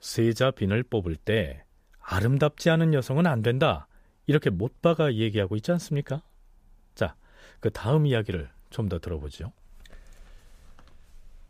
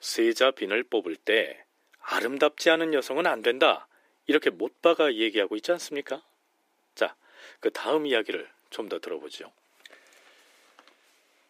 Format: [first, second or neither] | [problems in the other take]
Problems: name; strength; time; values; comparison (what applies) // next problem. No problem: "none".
first | thin; very; fading below 300 Hz